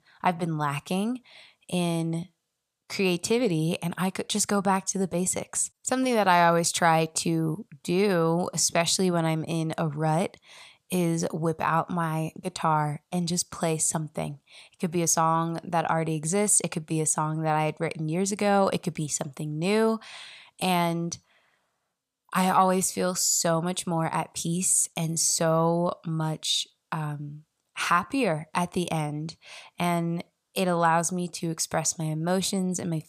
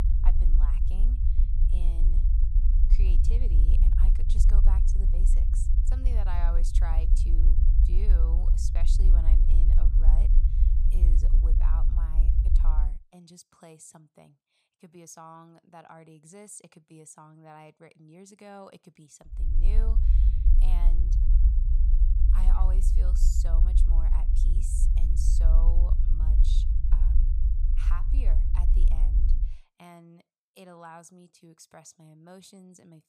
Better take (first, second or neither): first